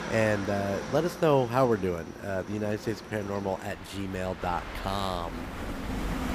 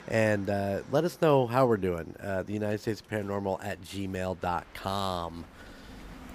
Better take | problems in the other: second | train or aircraft noise; loud; throughout; 9 dB below the speech; faint in the second

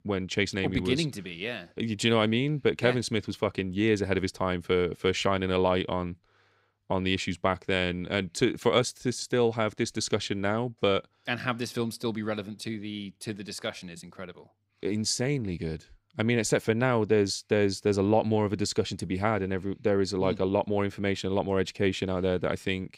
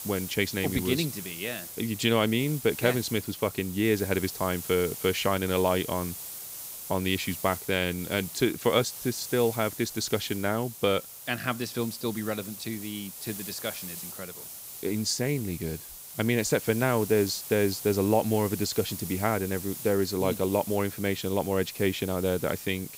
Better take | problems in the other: first | hiss; loud; throughout; 10 dB below the speech

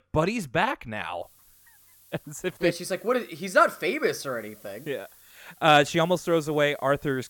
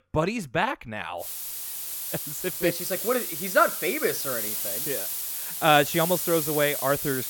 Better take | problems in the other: first | hiss; loud; from 1 s on; 3 dB below the speech; faint in the first

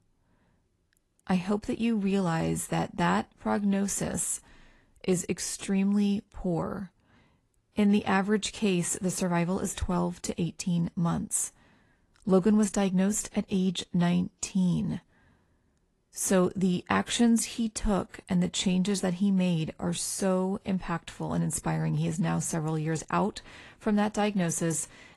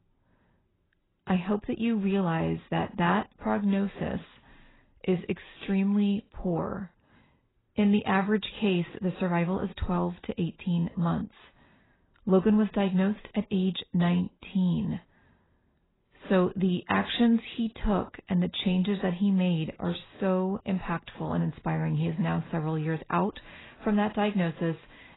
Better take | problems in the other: first | garbled, watery; badly; nothing above 4 kHz; slightly in the first

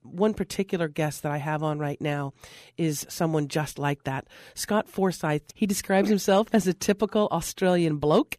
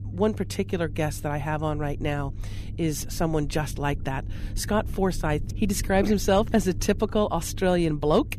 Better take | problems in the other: first | low rumble; faint; throughout; 20 dB below the speech

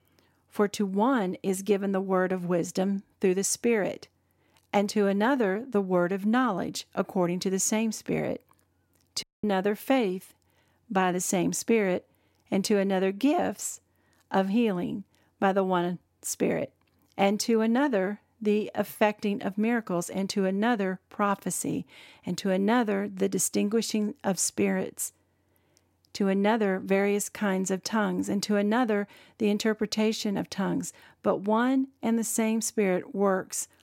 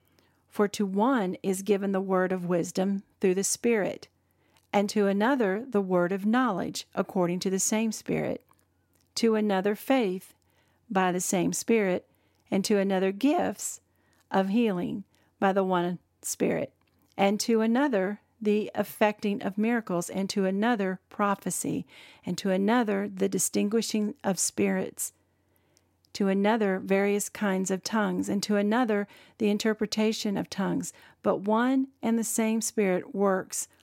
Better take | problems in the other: second | audio cutting out; at 9 s

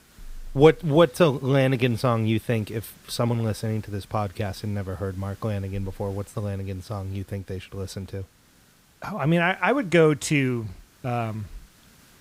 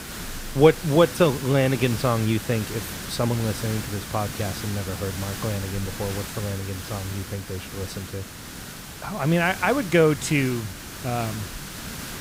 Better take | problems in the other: first | hiss; loud; throughout; 10 dB below the speech; faint in the first

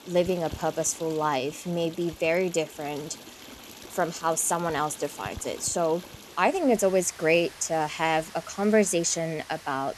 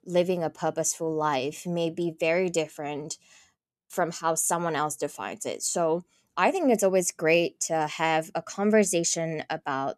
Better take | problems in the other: second | rain or running water; noticeable; throughout; 15 dB below the speech

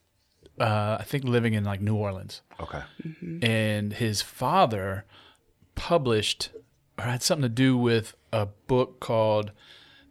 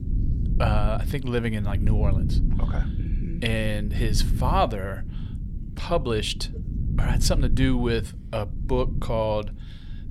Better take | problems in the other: first | low rumble; noticeable; throughout; 15 dB below the speech

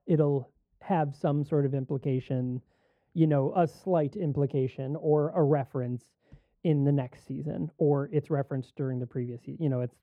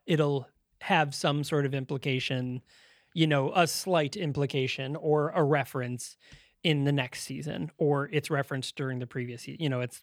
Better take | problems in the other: second | muffled; very; fading above 1.5 kHz

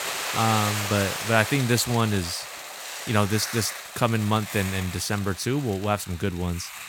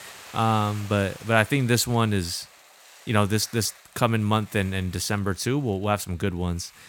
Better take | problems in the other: second | hiss; loud; throughout; 6 dB below the speech; faint in the second

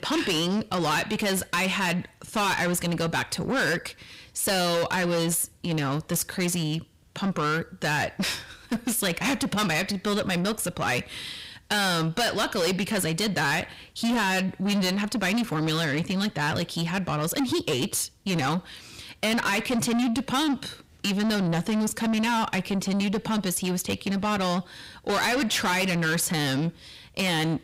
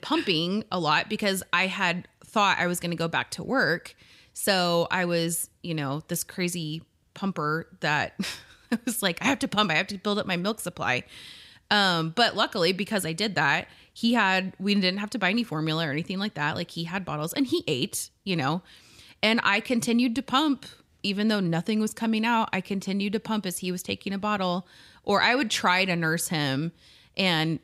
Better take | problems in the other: second | distortion; heavy; 6 dB below the speech

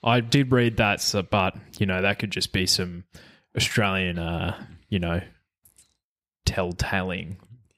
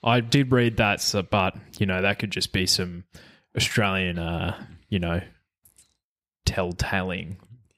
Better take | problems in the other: neither | none

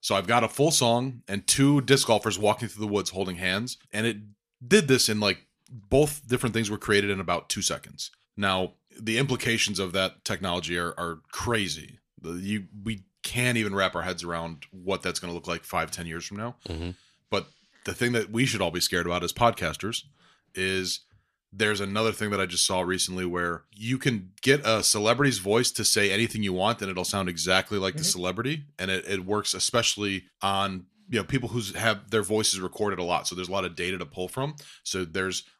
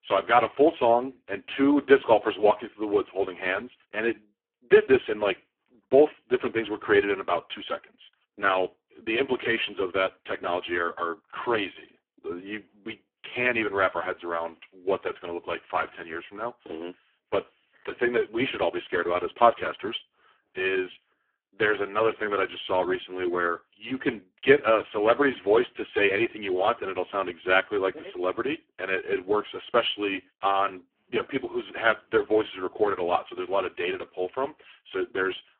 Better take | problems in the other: first | phone-call audio; poor line

